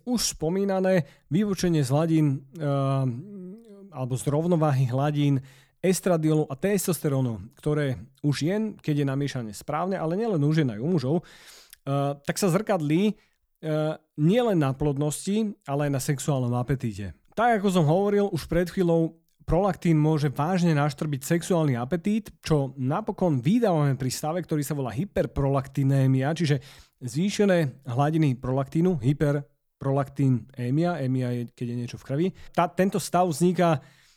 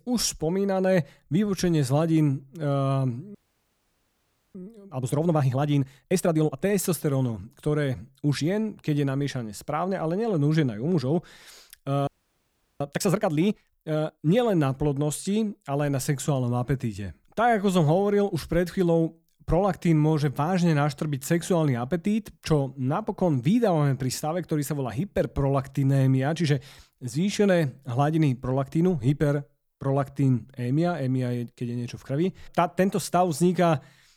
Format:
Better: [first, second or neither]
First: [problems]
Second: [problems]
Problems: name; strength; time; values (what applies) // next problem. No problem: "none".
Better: first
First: none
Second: audio freezing; at 3.5 s for 1 s and at 12 s for 0.5 s